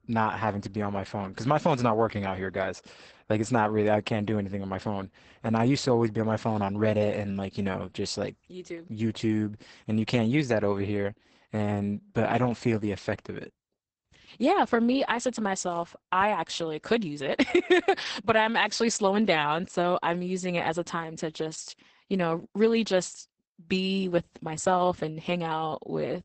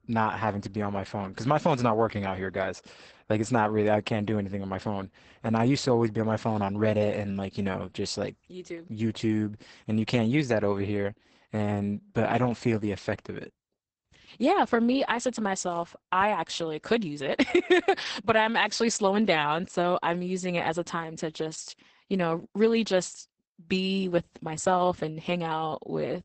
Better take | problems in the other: neither | garbled, watery; badly; nothing above 8 kHz; the same in both

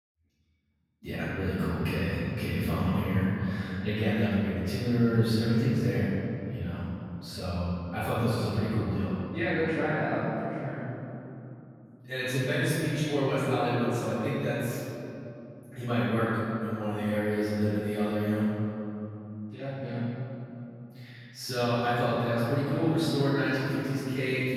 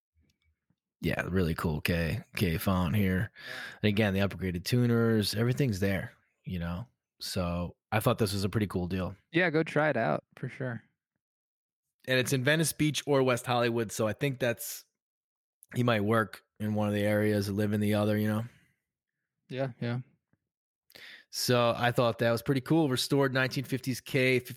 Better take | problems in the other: second | room echo; strong; dies away in 3 s // off-mic speech; far

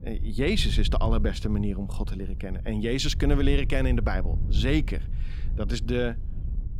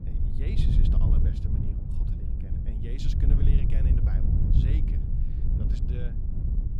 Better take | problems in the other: first | wind noise on the microphone; heavy; 5 dB above the speech; occasional gusts in the first

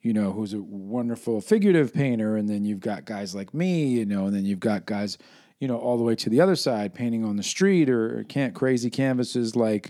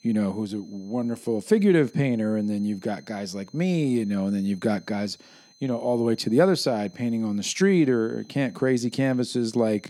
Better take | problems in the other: first | high-pitched whine; faint; throughout; 4 kHz, 30 dB below the speech

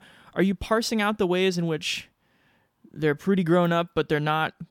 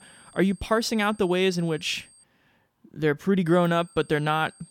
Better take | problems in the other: first | high-pitched whine; faint; until 2 s and from 3.5 s on; 8.5 kHz, 30 dB below the speech

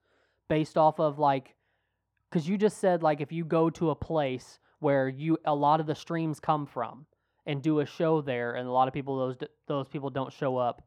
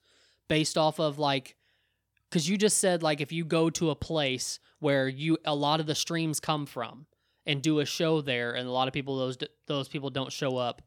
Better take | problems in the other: second | muffled; very; fading above 2.5 kHz

